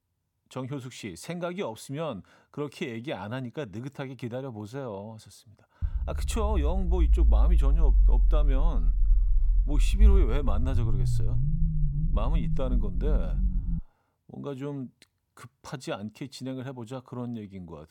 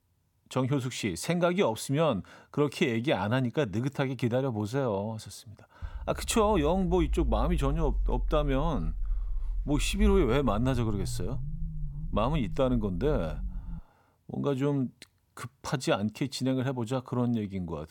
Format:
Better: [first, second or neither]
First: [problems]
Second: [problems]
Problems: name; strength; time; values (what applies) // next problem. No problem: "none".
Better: second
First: low rumble; loud; from 6 to 14 s; 9 dB below the speech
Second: low rumble; faint; from 6 to 14 s; 25 dB below the speech